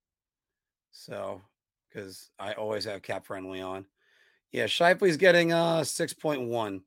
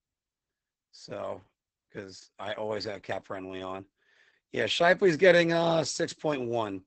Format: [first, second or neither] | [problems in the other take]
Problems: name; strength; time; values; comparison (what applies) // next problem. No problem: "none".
first | garbled, watery; badly; nothing above 8 kHz